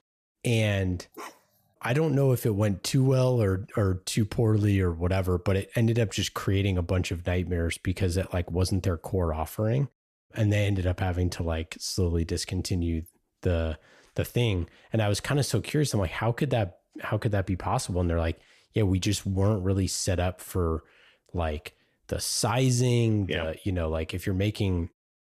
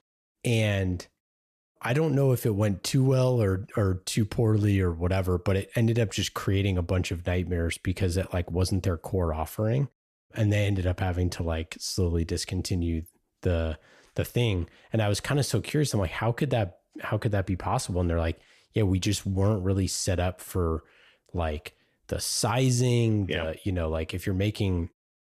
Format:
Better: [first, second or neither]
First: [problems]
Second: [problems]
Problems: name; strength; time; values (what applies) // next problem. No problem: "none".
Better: second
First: dog barking; faint; at 1 s; peak 15 dB below the speech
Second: none